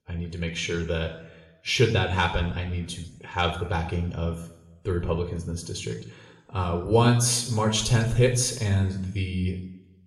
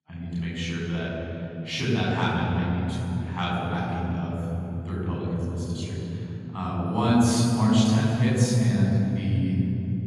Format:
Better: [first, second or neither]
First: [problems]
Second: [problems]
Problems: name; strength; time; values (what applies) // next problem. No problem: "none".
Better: first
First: room echo; slight; dies away in 0.7 s // off-mic speech; somewhat distant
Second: room echo; strong; dies away in 3 s // off-mic speech; far